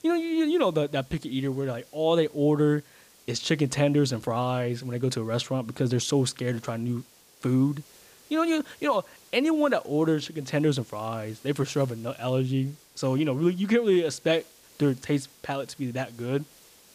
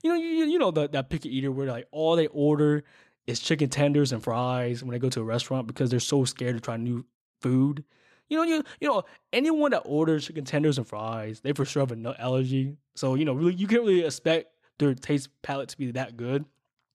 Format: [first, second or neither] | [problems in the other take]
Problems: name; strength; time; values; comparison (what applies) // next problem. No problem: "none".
second | hiss; faint; throughout; 25 dB below the speech